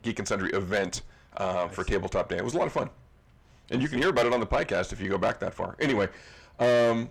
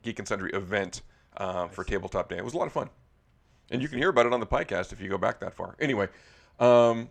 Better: second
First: distortion; heavy; 6 dB below the speech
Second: none

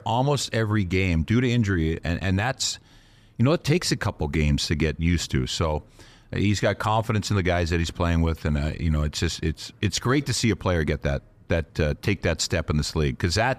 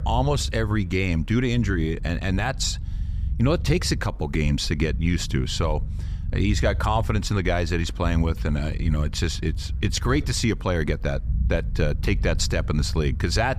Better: first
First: none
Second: low rumble; faint; throughout; 20 dB below the speech

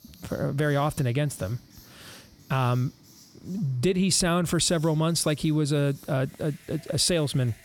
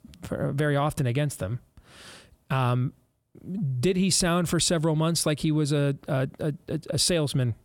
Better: second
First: household noises; faint; throughout; 25 dB below the speech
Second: none

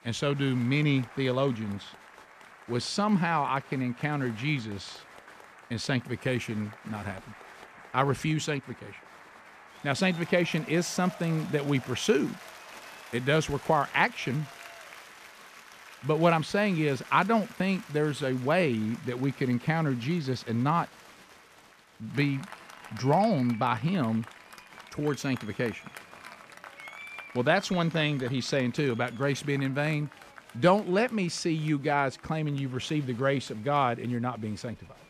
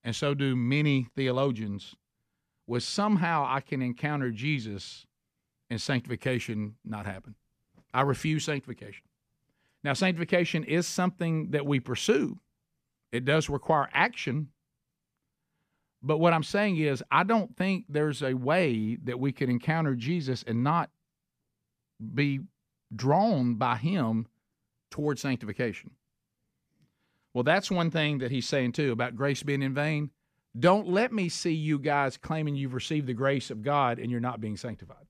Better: second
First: crowd noise; noticeable; throughout; 20 dB below the speech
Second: none

